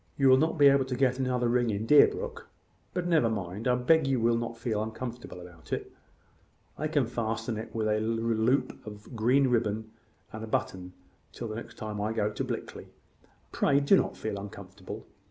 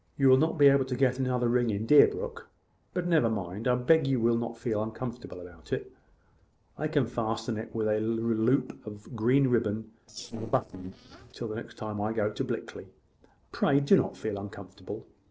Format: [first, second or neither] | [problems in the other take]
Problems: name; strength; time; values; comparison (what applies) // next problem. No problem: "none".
first | noise reduction (neural separator model SepFormer DNS4)